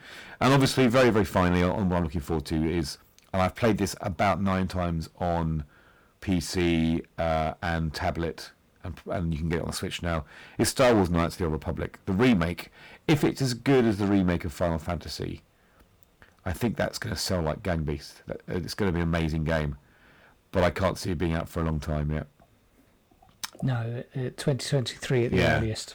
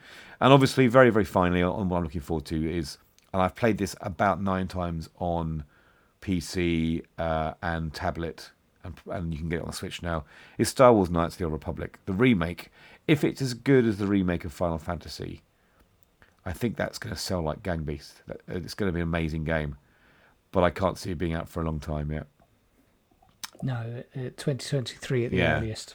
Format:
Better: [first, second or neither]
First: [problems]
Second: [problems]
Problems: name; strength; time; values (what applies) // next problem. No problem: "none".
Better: second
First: distortion; heavy; 4% of the sound clipped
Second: none